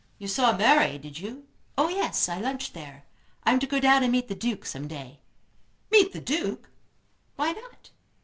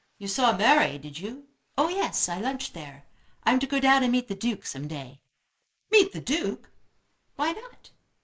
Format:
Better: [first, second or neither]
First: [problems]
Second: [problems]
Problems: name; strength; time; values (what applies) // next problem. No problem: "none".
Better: first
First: none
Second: noise reduction (neural mask model Resemble Enhance denoiser)